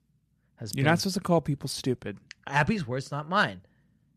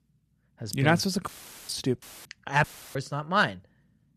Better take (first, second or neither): first